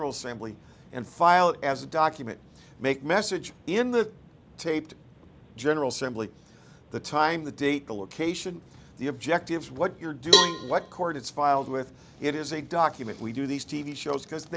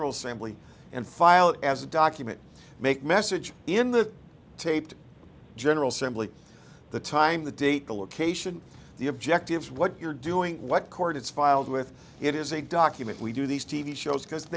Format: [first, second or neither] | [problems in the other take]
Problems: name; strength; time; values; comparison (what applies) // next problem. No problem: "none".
second | background sound (Cowbell); 2 dB above the speech